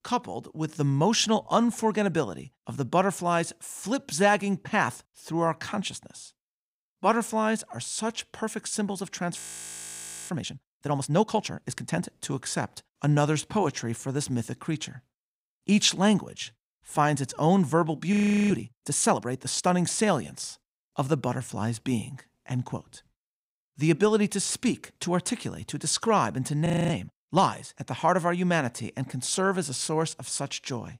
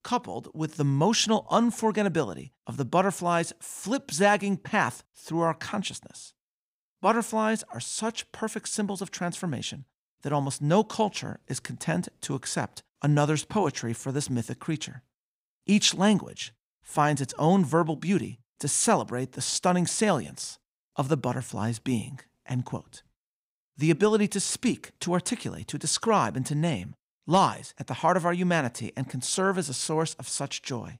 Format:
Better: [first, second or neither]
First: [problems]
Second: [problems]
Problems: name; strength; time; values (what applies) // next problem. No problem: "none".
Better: second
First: audio freezing; at 9.5 s for 1 s, at 18 s and at 27 s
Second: none